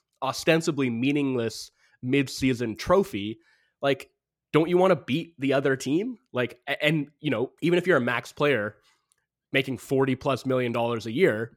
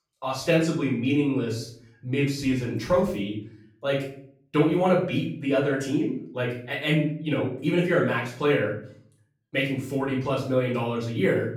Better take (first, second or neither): first